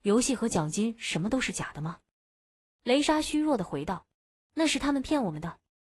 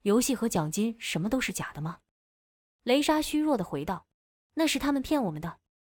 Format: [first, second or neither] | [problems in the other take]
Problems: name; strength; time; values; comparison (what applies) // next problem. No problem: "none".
second | garbled, watery; slightly; nothing above 11 kHz